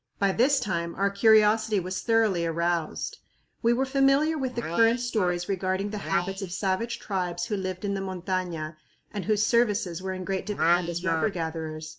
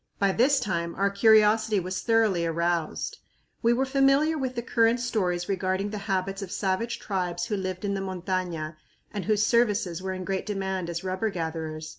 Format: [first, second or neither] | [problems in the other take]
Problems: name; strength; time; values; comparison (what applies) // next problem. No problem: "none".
second | noise reduction (neural mask model Resemble Enhance denoiser)